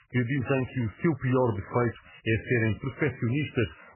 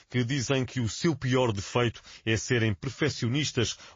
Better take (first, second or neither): second